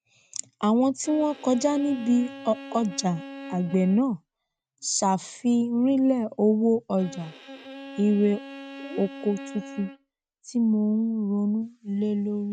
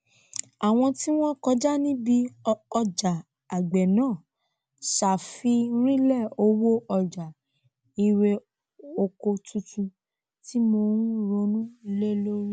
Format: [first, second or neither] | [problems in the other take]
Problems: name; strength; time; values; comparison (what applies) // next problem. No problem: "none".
second | noise reduction (neural mask model RNNoise)